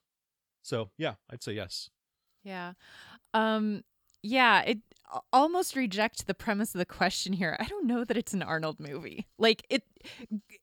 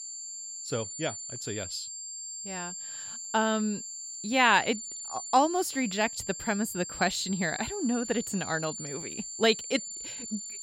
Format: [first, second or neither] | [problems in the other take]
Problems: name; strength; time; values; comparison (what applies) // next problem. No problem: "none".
first | high-pitched whine; loud; throughout; 7.5 kHz, 8 dB below the speech